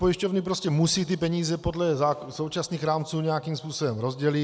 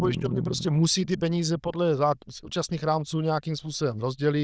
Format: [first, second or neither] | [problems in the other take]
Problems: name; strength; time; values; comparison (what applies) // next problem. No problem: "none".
first | noise reduction (neural diffusion model UNIVERSE++)